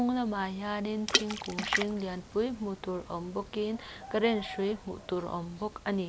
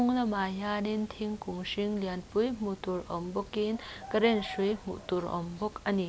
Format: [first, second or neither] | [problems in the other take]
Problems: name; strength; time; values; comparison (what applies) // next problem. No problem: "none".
second | background sound (Water / Splash, splatter); 4 dB below the speech